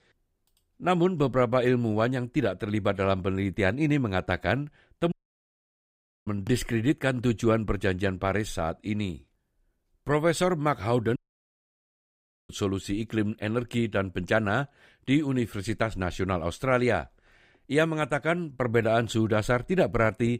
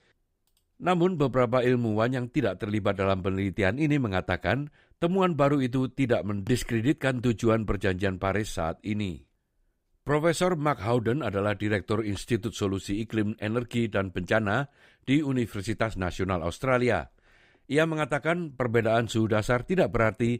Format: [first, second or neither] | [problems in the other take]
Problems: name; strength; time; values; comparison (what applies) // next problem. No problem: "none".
second | audio cutting out; at 5 s for 1 s and at 11 s for 1.5 s